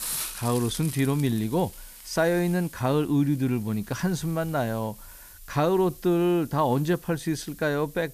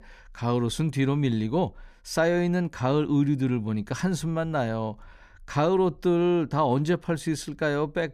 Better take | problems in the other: second | hiss; noticeable; throughout; 15 dB below the speech

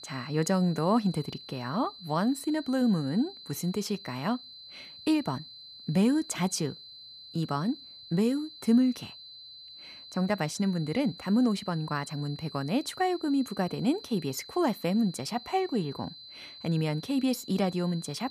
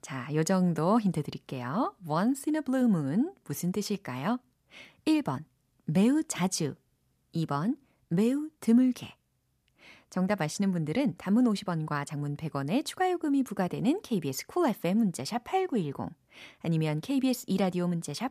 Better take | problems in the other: second | high-pitched whine; noticeable; throughout; 4 kHz, 15 dB below the speech

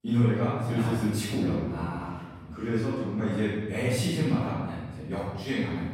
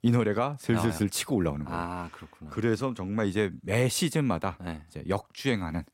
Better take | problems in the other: second | room echo; strong; dies away in 1.4 s // off-mic speech; far

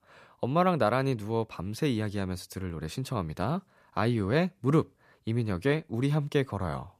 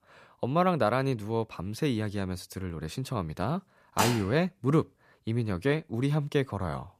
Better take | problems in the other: first | clattering dishes; noticeable; at 4 s; peak level with the speech

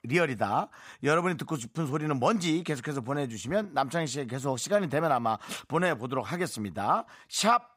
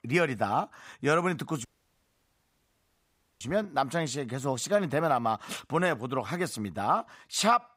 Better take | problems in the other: first | audio cutting out; at 1.5 s for 2 s

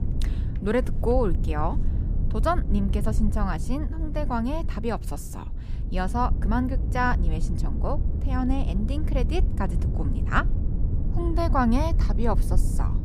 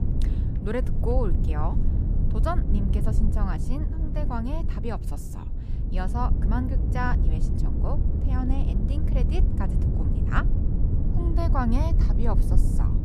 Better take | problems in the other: first | wind noise on the microphone; heavy; 6 dB below the speech; occasional gusts in the first

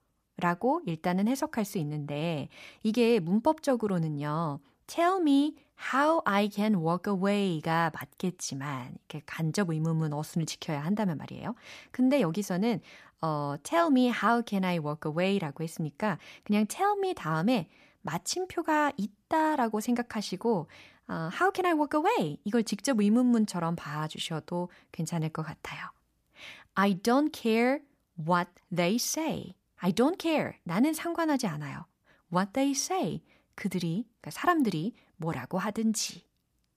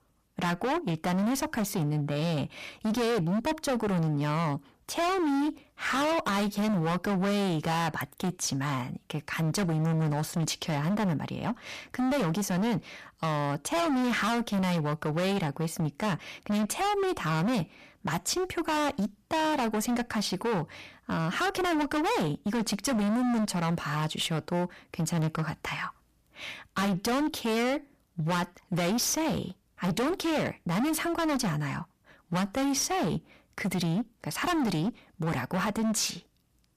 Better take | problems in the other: first | distortion; heavy; 28% of the sound clipped

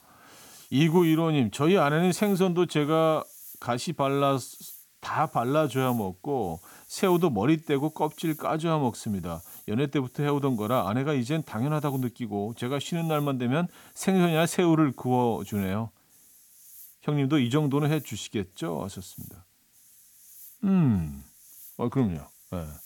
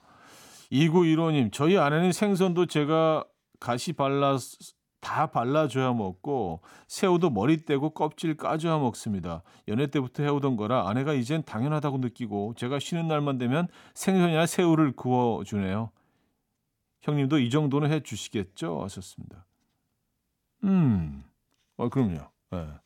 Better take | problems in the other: second | hiss; faint; throughout; 20 dB below the speech

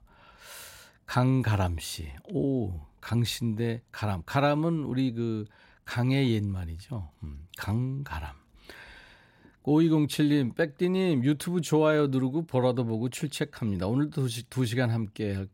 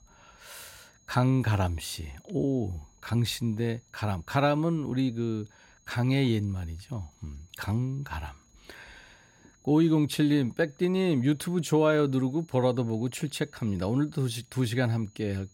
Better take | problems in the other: first | high-pitched whine; faint; throughout; 6.5 kHz, 35 dB below the speech

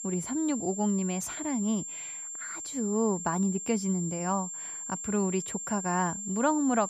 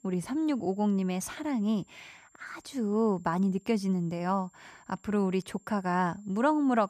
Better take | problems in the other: second | high-pitched whine; loud; throughout; 7.5 kHz, 6 dB below the speech; faint in the second

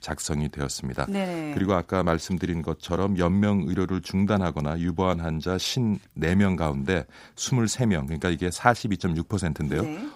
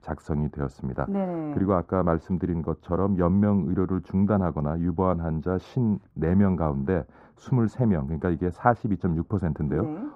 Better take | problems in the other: first | muffled; very; fading above 2 kHz

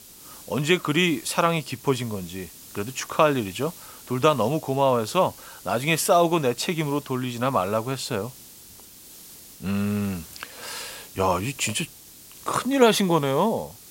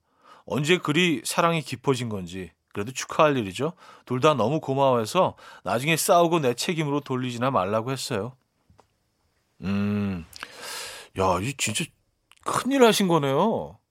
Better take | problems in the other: second | hiss; noticeable; throughout; 20 dB below the speech

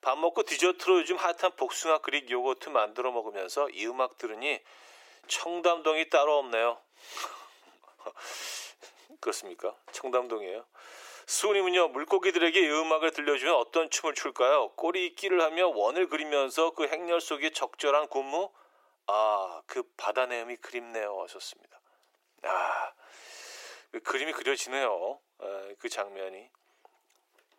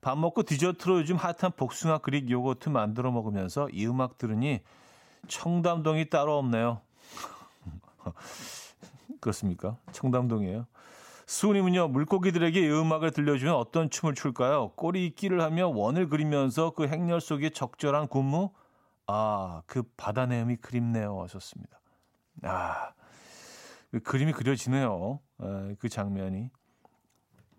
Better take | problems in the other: second | thin; very; fading below 350 Hz

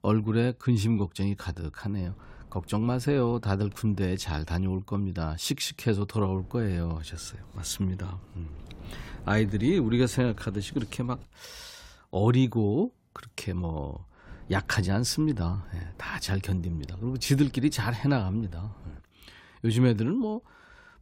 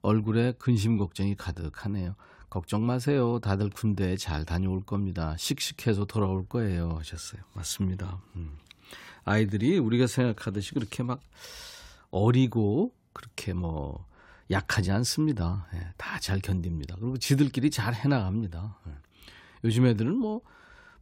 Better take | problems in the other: second | wind noise on the microphone; occasional gusts; from 2 to 4.5 s, from 6.5 to 11 s and from 14 to 19 s; 25 dB below the speech

